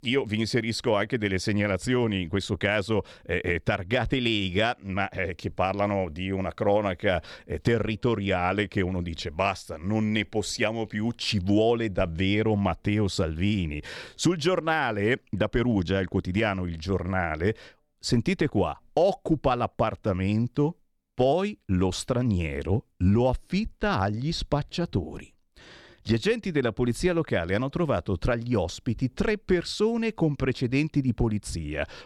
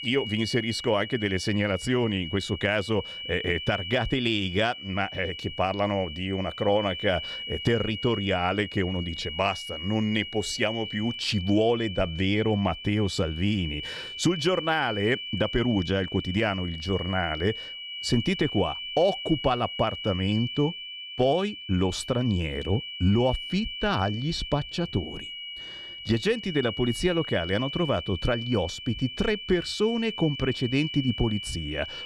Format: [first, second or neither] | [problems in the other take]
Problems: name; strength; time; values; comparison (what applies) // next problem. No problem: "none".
first | high-pitched whine; loud; throughout; 3 kHz, 8 dB below the speech